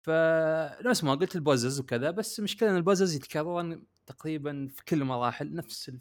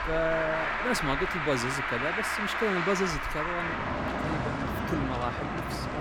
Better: first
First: none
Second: traffic noise; very loud; throughout; 2 dB above the speech

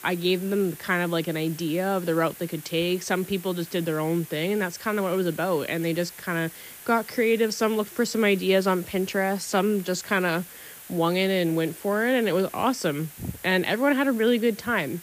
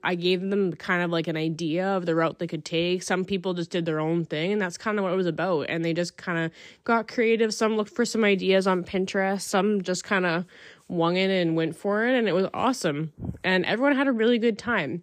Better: second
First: hiss; noticeable; throughout; 15 dB below the speech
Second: none

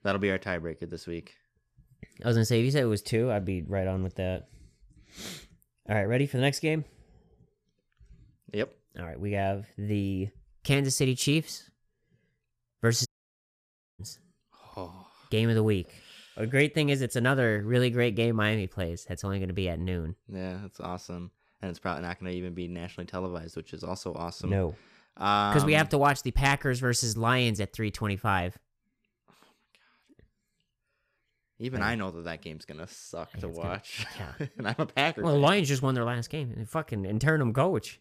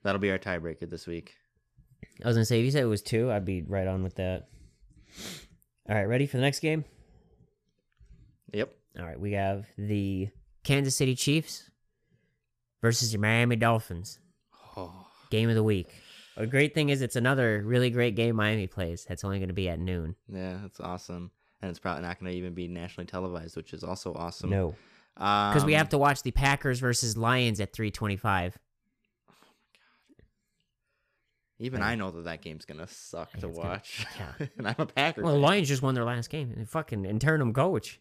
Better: second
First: audio cutting out; at 13 s for 1 s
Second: none

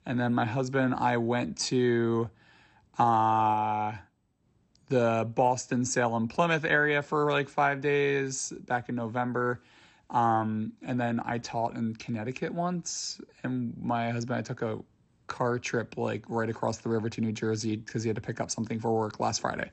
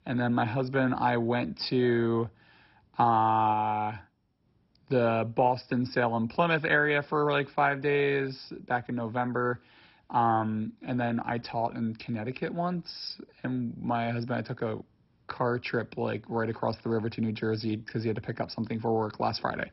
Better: first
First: garbled, watery; slightly; nothing above 8 kHz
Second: garbled, watery; badly; nothing above 5.5 kHz

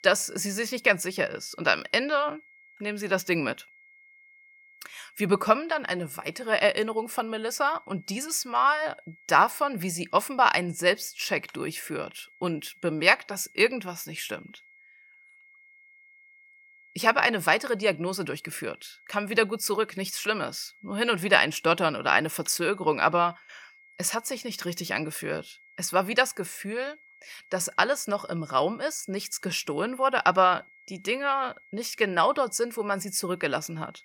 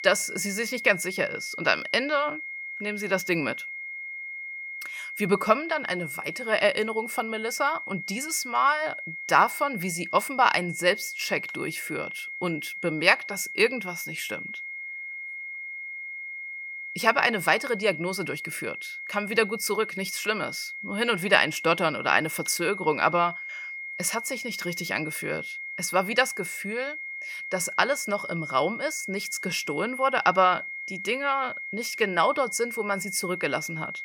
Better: first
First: high-pitched whine; faint; throughout; 2 kHz, 25 dB below the speech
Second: high-pitched whine; loud; throughout; 2 kHz, 8 dB below the speech

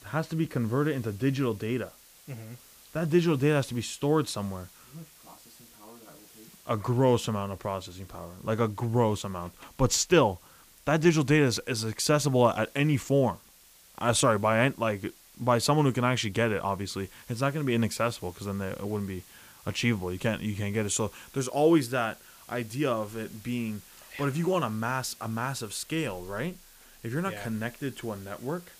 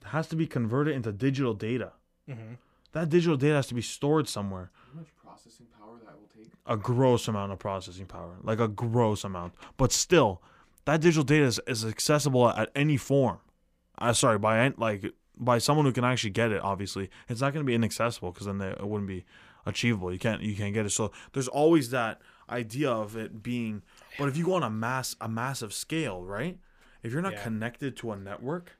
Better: second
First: hiss; faint; throughout; 25 dB below the speech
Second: none

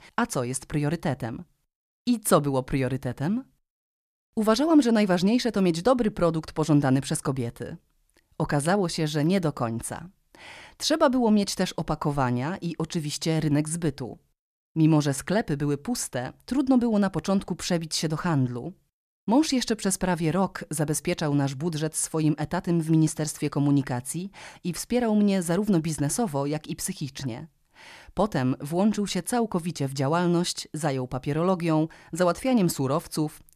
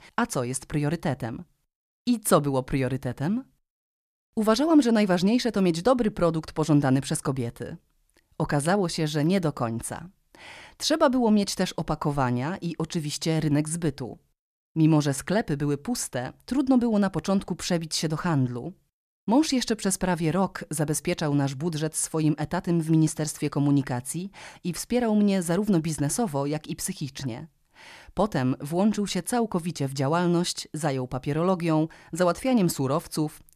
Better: neither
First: none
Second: none

